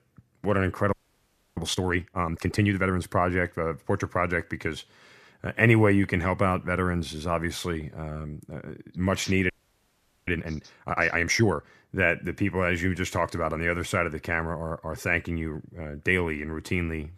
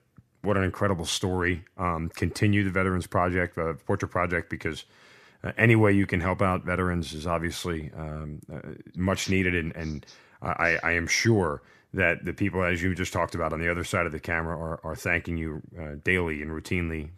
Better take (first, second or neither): second